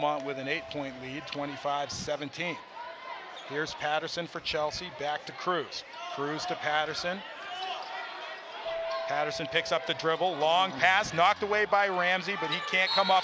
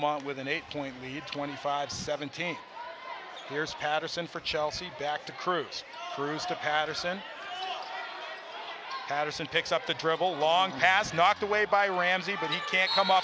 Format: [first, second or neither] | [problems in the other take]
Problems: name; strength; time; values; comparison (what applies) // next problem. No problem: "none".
second | background sound (Keyboard (musical)); 15 dB below the speech